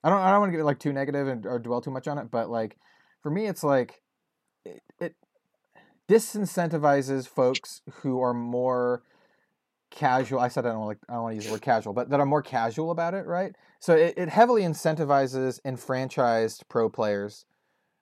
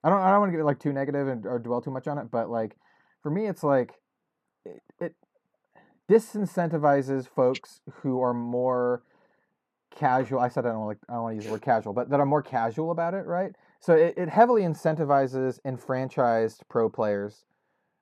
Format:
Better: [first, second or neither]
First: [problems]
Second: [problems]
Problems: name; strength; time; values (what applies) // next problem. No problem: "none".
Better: first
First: none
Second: muffled; slightly; fading above 2.5 kHz